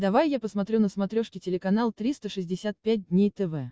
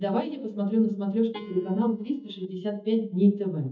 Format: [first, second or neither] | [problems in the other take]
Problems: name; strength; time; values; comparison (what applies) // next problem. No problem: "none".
first | noise reduction (neural mask model DeepFilterNet 3)